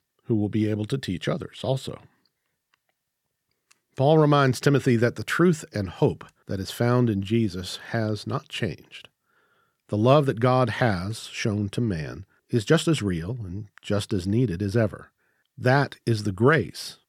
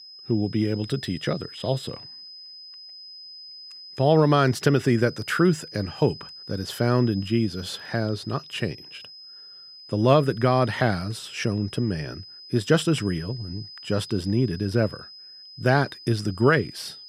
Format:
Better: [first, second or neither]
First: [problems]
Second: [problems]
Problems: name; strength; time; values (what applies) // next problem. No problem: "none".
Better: first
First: none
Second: high-pitched whine; noticeable; throughout; 5 kHz, 15 dB below the speech